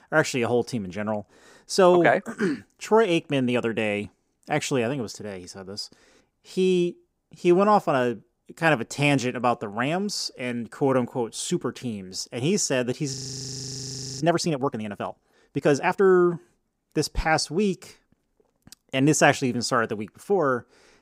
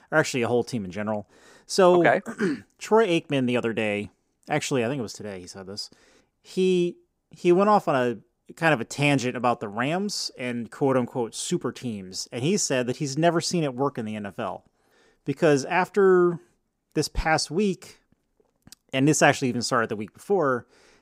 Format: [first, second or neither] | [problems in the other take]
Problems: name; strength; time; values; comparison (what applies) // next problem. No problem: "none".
second | audio freezing; at 13 s for 1 s